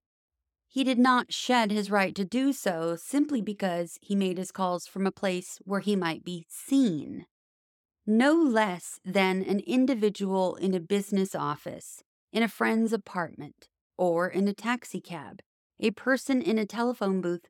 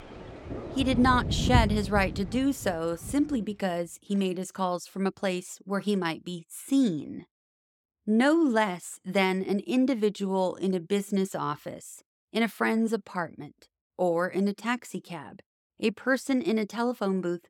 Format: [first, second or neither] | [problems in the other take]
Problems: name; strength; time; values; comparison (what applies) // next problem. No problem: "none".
first | rain or running water; loud; until 3.5 s; 5 dB below the speech